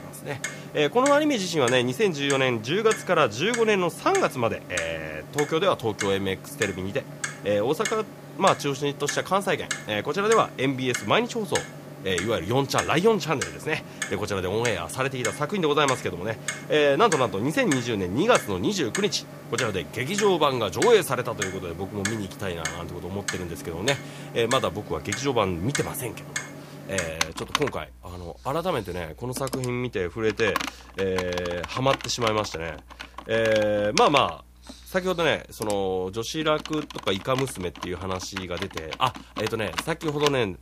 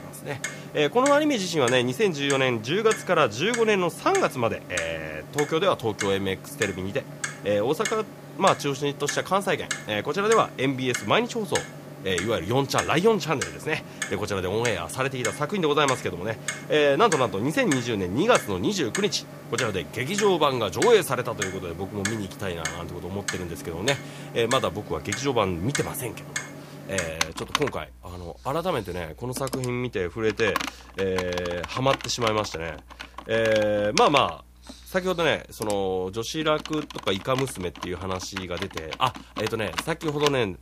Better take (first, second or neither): neither